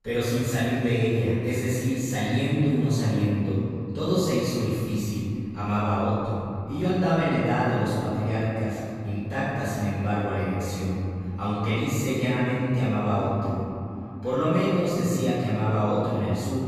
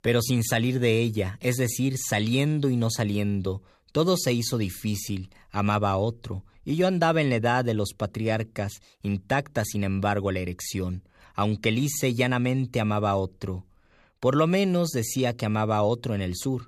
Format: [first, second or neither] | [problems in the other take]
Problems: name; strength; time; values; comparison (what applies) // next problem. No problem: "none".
second | off-mic speech; far // room echo; strong; dies away in 3 s